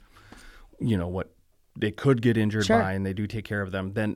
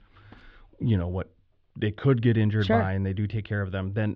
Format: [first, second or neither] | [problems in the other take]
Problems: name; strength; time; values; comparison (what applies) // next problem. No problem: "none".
first | muffled; slightly; fading above 3.5 kHz